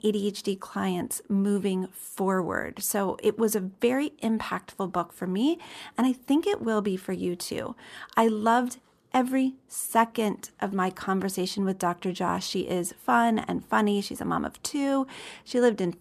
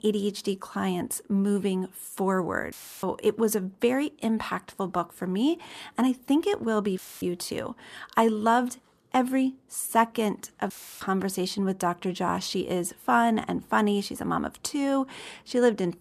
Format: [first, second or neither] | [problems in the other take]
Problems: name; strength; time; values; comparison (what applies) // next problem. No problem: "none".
first | audio cutting out; filled with static; at 2.5 s, at 7 s and at 11 s